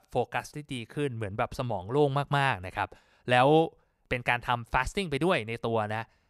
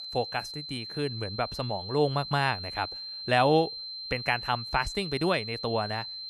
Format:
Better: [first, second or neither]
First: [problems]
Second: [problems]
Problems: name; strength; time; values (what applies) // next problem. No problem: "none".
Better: first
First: none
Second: high-pitched whine; loud; throughout; 4 kHz, 7 dB below the speech